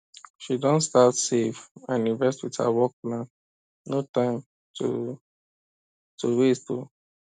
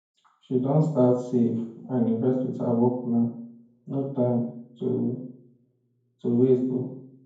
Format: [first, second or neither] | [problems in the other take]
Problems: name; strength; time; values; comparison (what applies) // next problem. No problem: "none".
first | room echo; dies away in 0.9 s